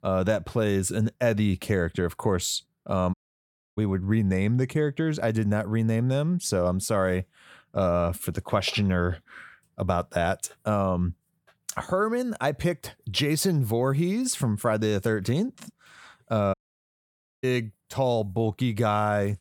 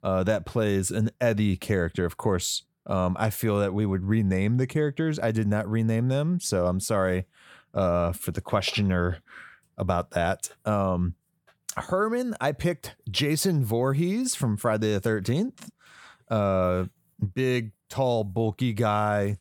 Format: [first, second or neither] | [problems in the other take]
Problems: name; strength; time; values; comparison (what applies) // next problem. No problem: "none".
second | audio cutting out; at 3 s for 0.5 s and at 17 s for 1 s